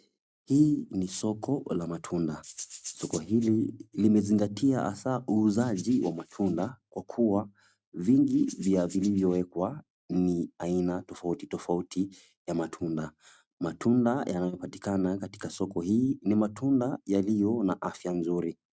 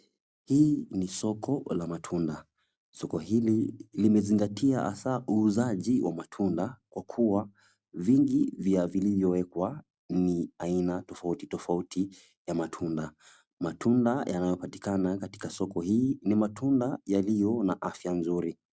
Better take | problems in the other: second | noise reduction (neural mask model RNNoise)

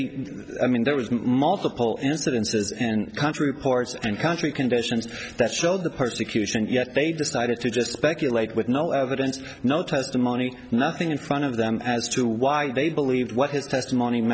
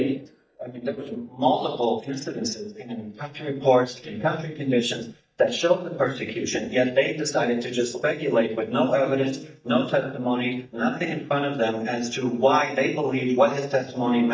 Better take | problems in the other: first | noise reduction (neural mask model DeepFilterNet 3)

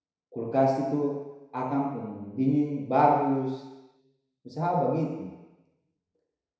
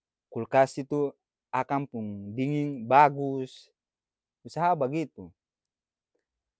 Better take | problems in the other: second | room echo; dies away in 1 s

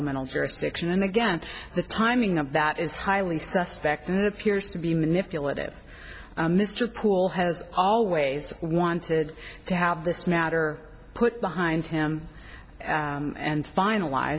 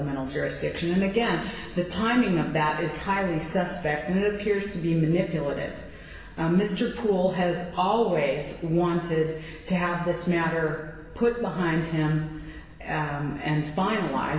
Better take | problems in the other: first | room echo; dies away in 1.2 s

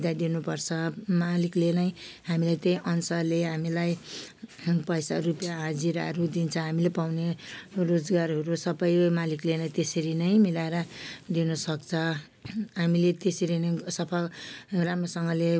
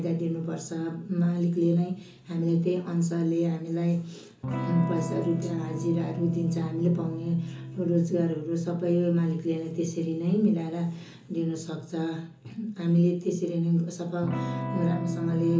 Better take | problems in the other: first | background sound (Electric guitar / Strum); 10 dB below the speech // room echo; dies away in 0.8 s

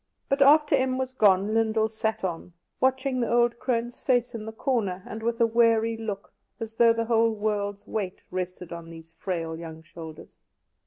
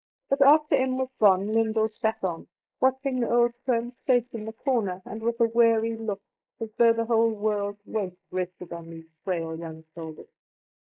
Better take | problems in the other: first | noise reduction (neural mask model Resemble Enhance denoiser)

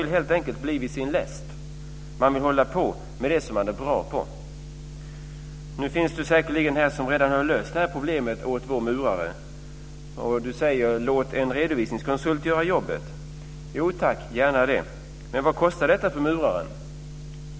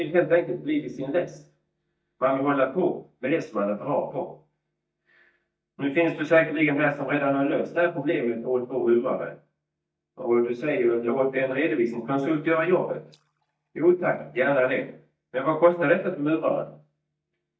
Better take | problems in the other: first | noise reduction (neural mask model DeepFilterNet 3)

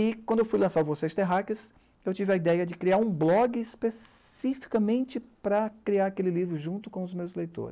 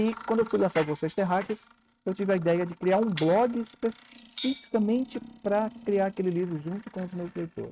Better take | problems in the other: first | noise reduction (neural mask model RNNoise)

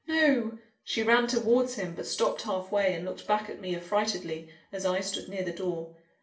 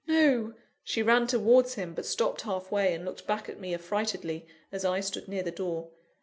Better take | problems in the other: second | room echo; dies away in 0.4 s

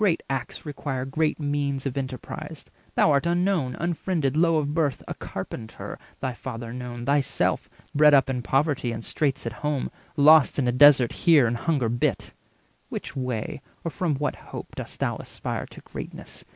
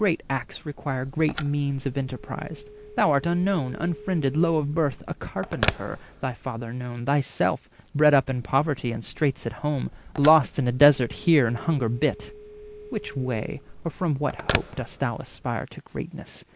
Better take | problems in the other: first | background sound (Telephone); 13 dB below the speech

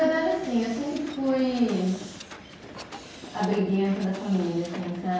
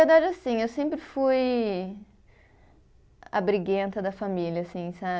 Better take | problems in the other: second | background sound (Hiss); 15 dB below the speech // room echo; dies away in 0.6 s

